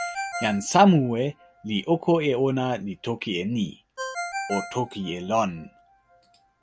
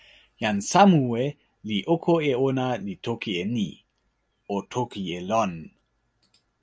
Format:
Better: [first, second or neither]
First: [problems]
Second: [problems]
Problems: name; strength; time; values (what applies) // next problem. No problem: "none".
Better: second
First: background sound (Ringtone); 13 dB below the speech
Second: none